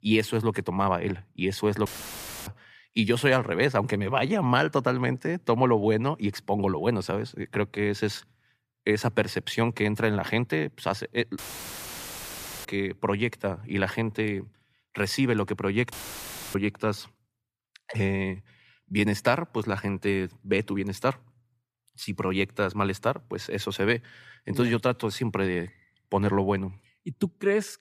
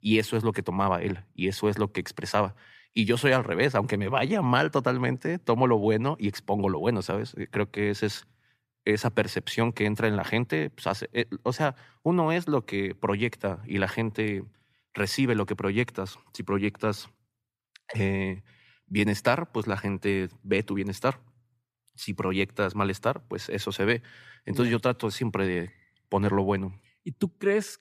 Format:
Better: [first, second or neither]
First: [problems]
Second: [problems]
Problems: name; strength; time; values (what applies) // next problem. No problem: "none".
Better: second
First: audio cutting out; filled with static; at 2 s for 0.5 s, at 11 s for 1.5 s and at 16 s for 0.5 s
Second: none